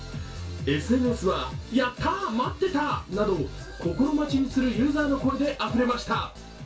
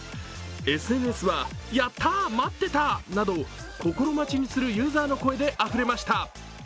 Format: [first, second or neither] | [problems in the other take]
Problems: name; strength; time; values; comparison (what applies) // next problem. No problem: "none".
second | room echo; dies away in 0.2 s